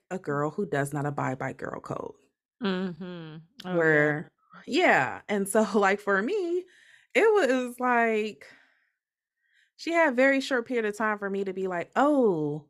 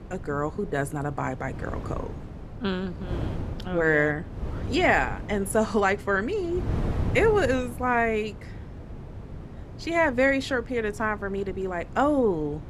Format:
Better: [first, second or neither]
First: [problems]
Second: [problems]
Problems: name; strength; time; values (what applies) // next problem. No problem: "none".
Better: first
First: none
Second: wind noise on the microphone; occasional gusts; 20 dB below the speech